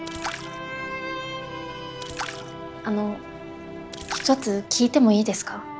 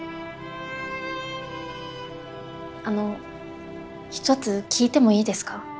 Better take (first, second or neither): second